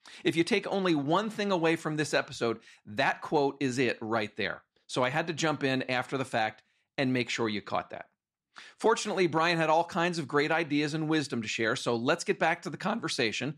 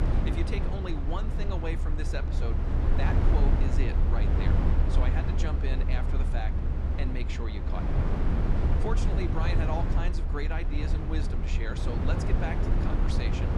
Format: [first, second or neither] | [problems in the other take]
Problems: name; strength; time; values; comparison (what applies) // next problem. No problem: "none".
first | low rumble; loud; throughout; as loud as the speech